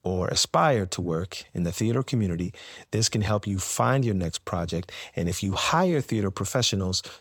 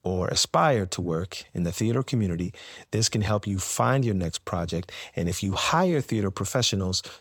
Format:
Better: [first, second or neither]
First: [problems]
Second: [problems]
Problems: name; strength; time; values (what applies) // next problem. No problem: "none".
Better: neither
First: none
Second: none